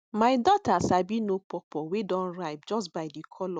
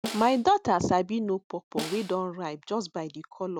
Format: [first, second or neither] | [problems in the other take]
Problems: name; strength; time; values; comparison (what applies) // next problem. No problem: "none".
first | background sound (Snare drum); 13 dB below the speech